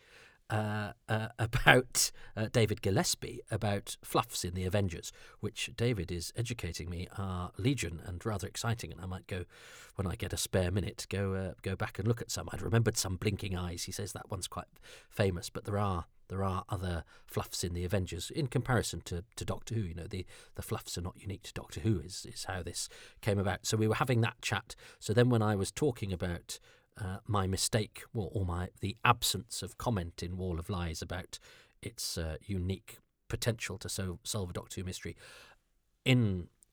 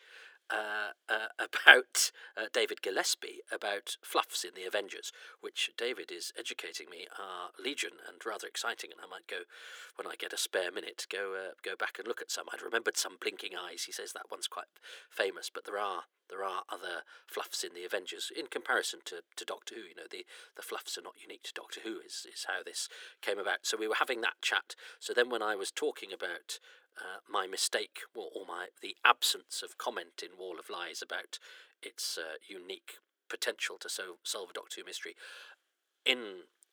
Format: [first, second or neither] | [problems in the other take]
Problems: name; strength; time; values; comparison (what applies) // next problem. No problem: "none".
first | thin; very; fading below 350 Hz